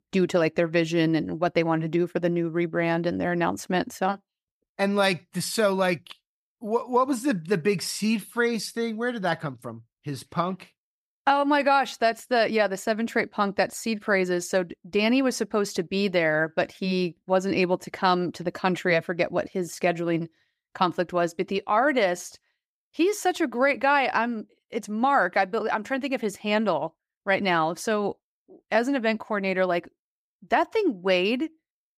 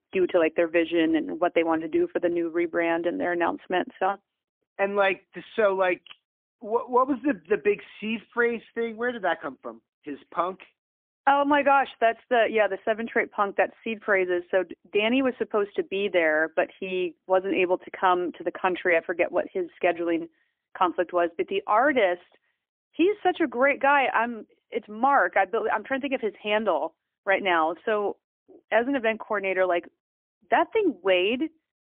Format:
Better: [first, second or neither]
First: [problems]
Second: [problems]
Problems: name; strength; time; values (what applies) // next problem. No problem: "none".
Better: first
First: none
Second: phone-call audio; poor line